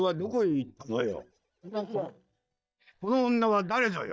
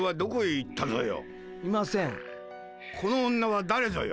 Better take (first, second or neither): second